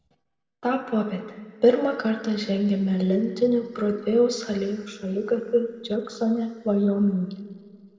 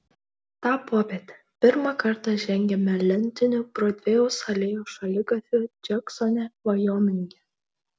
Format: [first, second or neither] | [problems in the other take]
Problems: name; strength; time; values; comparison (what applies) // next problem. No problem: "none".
second | room echo; dies away in 2 s